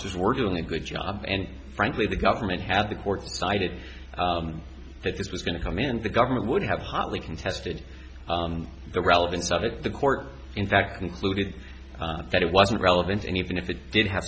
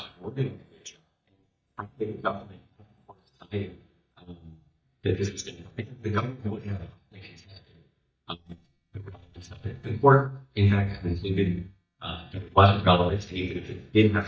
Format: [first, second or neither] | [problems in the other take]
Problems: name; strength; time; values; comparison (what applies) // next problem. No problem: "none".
first | noise reduction (neural mask model DeepFilterNet 3)